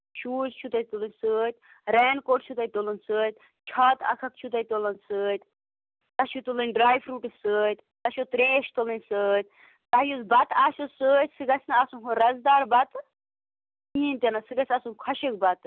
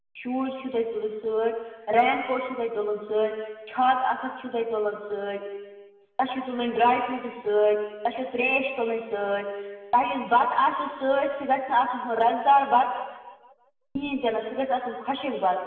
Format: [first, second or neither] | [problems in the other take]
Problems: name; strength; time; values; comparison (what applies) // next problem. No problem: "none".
first | room echo; dies away in 1.5 s